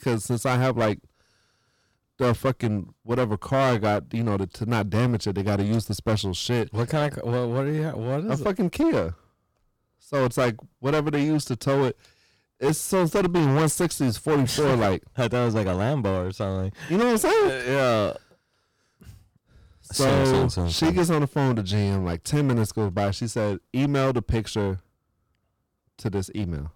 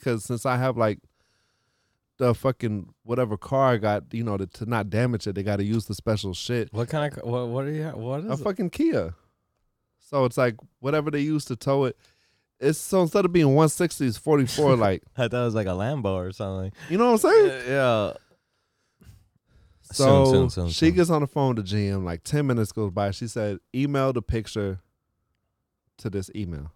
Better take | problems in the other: second | distortion; heavy; 15% of the sound clipped

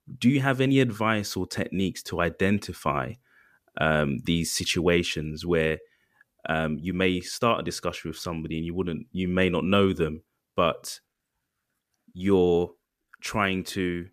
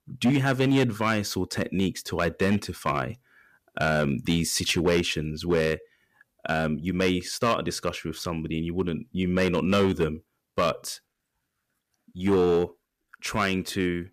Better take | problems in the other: first | distortion; slight; 4% of the sound clipped

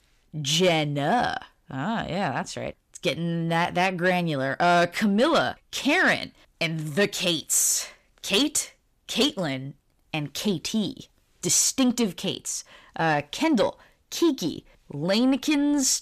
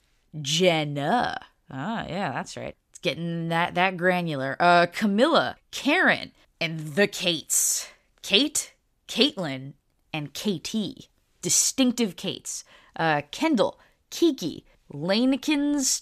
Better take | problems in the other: second | distortion; slight; 10 dB below the speech

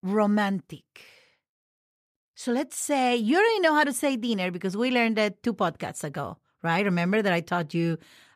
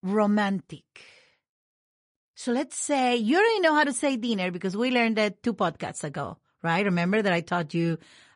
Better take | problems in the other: first | garbled, watery; slightly; nothing above 10.5 kHz

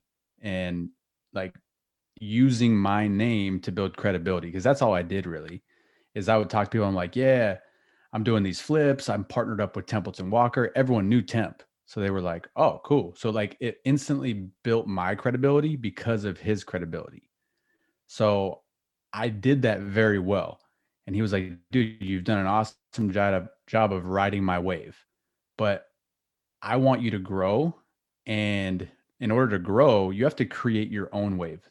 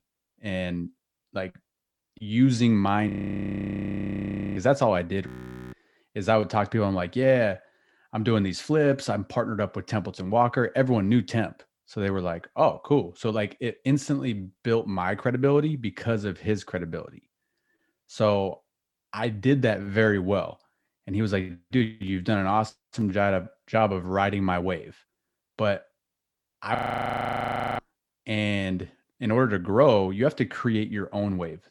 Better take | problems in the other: first | audio freezing; at 3 s for 1.5 s, at 5.5 s and at 27 s for 1 s

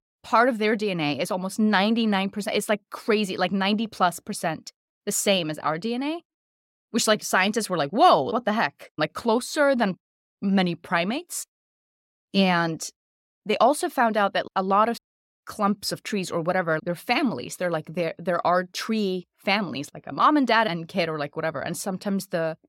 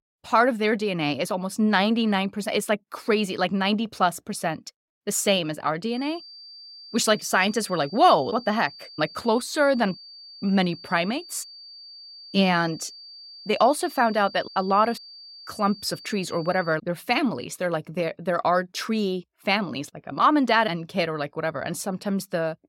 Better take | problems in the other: first | high-pitched whine; noticeable; from 6 to 17 s; 4.5 kHz, 15 dB below the speech

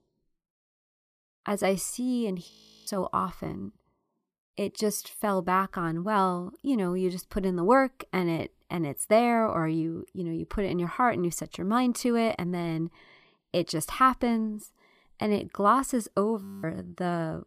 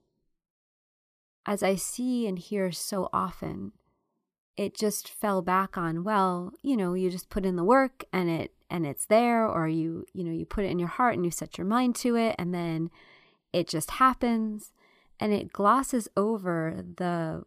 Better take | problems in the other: second | audio freezing; at 2.5 s and at 16 s

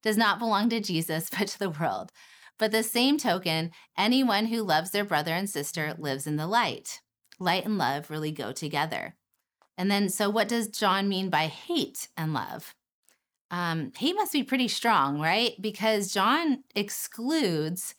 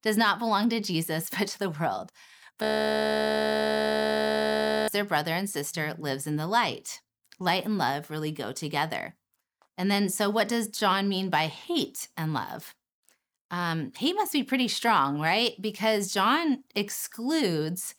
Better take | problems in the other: first | audio freezing; at 2.5 s for 2.5 s

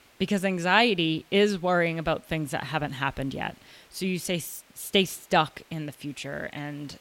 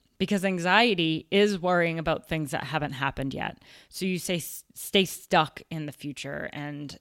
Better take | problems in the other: second | hiss; faint; throughout; 30 dB below the speech

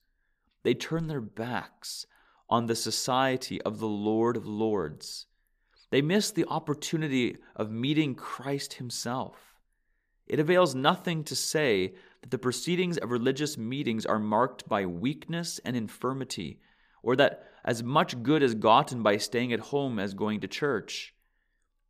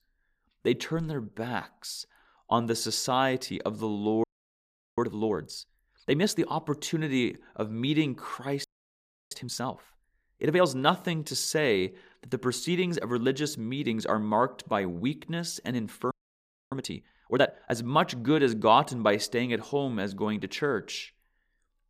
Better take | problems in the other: first | audio freezing; at 4 s for 0.5 s, at 8.5 s for 0.5 s and at 16 s for 0.5 s

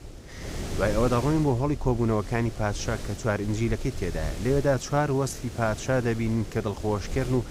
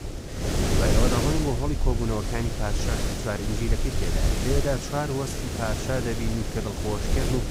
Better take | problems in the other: first | wind noise on the microphone; heavy; 1 dB below the speech; occasional gusts in the first

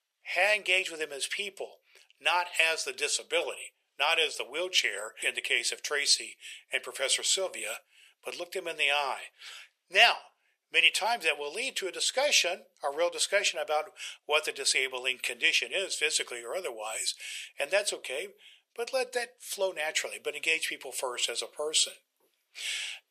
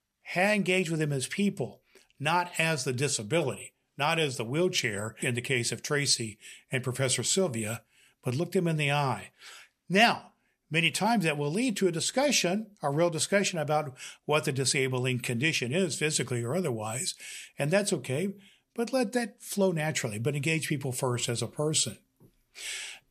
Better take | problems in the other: second | thin; very; fading below 500 Hz

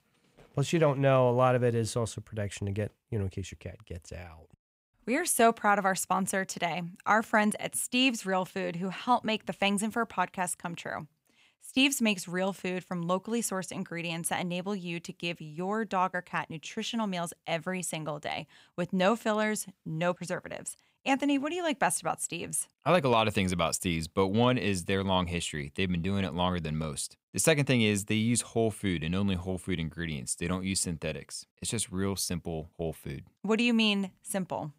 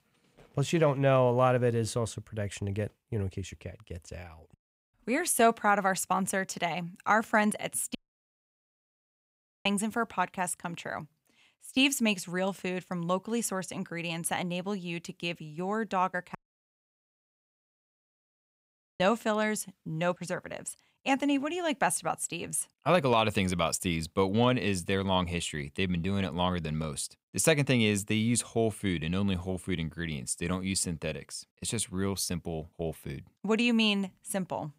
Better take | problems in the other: first | audio cutting out; at 8 s for 1.5 s and at 16 s for 2.5 s

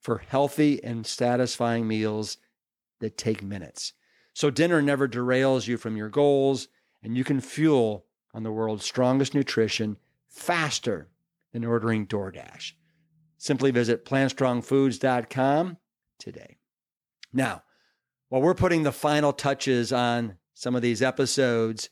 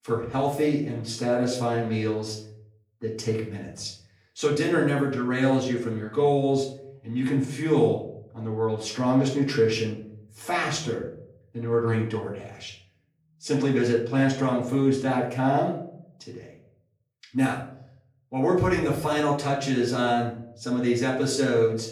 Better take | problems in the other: first | off-mic speech; far // room echo; slight; dies away in 0.5 s

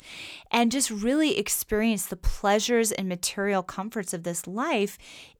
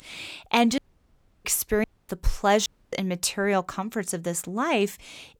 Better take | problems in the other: first | audio cutting out; at 1 s for 0.5 s, at 2 s and at 2.5 s

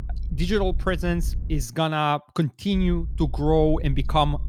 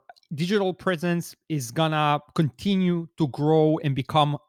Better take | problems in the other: second | low rumble; faint; until 1.5 s and from 2.5 s on; 25 dB below the speech

